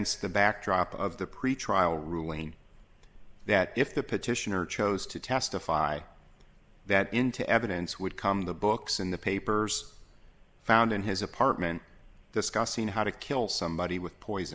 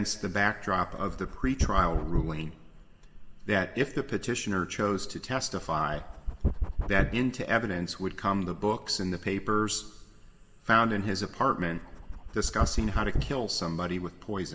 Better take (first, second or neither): first